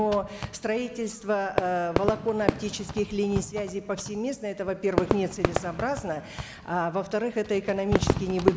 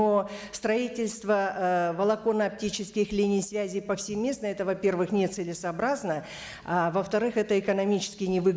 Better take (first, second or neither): second